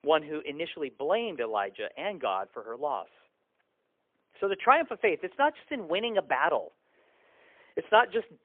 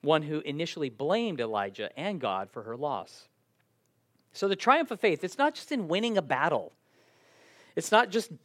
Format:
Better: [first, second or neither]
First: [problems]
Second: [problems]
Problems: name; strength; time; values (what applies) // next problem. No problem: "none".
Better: second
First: phone-call audio; poor line; nothing above 3.5 kHz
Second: none